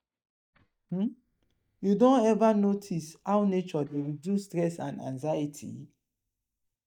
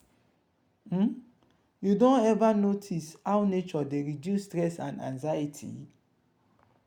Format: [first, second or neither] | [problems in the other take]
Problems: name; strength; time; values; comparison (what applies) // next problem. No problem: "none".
second | noise reduction (neural mask model DeepFilterNet 3)